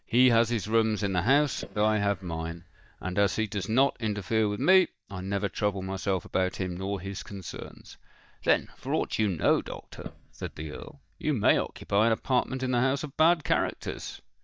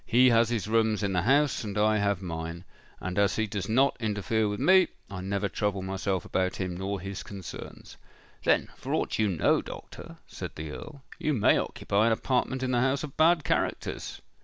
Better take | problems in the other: second | noise reduction (neural mask model DeepFilterNet 3)

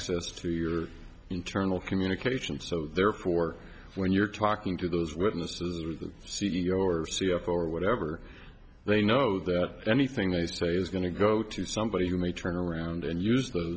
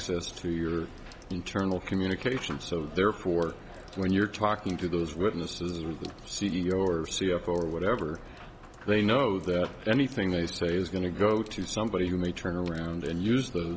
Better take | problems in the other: first | background sound (Sink (filling or washing) / Water tap, faucet / Water); 20 dB below the speech

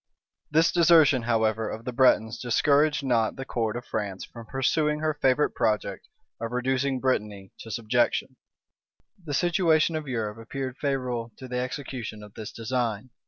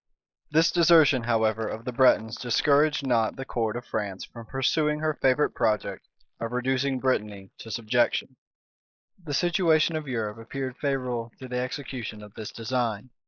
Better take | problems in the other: first | noise reduction (neural mask model Resemble Enhance denoiser)

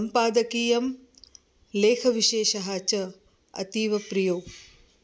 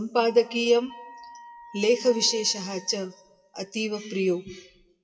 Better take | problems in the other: first | noise reduction (classical method WPE with log-MMSE)

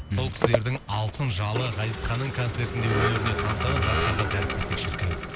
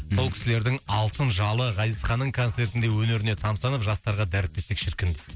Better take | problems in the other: second | background sound (Vehicle); 1 dB below the speech

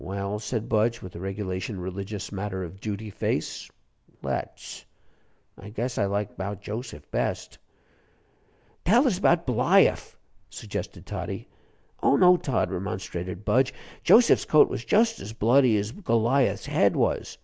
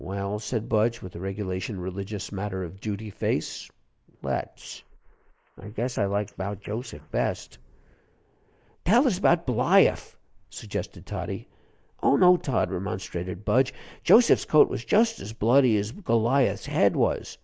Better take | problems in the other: first | noise reduction (neural mask model Resemble Enhance denoiser)

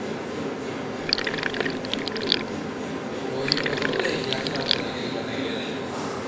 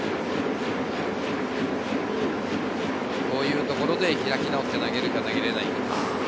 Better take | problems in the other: second | background sound (Sink (filling or washing)); as loud as the speech // room echo; dies away in 1.1 s

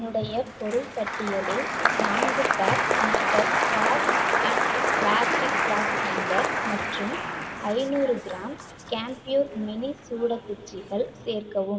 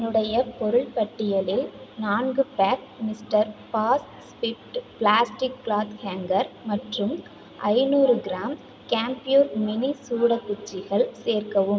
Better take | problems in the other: second | background sound (Applause); 3 dB above the speech

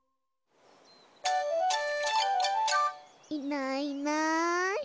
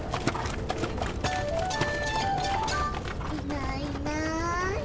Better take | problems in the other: first | background sound (Livestock, farm animals, working animals); 1 dB above the speech // room echo; dies away in 0.8 s

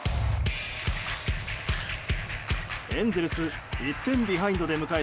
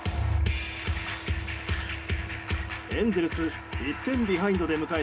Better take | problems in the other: first | background sound (Wind instrument, woodwind instrument); 19 dB below the speech // room echo; dies away in 0.3 s

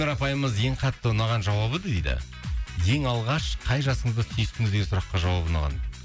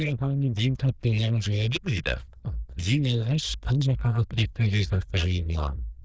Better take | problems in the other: first | noise reduction (neural diffusion model UNIVERSE++)

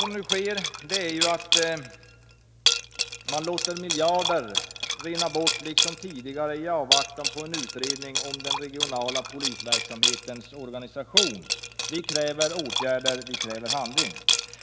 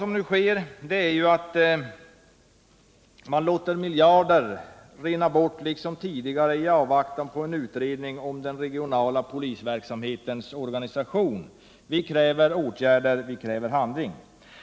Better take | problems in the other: second | background sound (Liquid); 2 dB above the speech

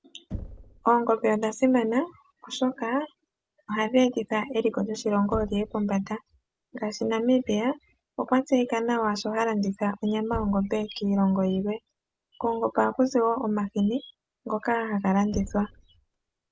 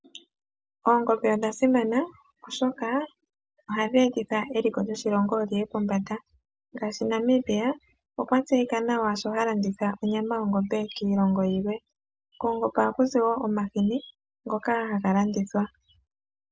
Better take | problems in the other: second | background sound (Knock); 20 dB below the speech

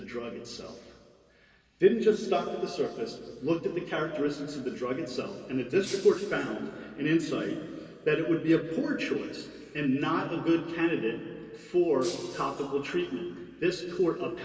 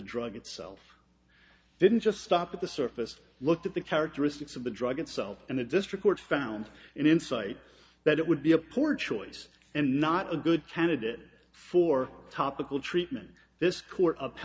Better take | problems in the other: second | background sound (Shatter); 17 dB below the speech // room echo; dies away in 2.3 s

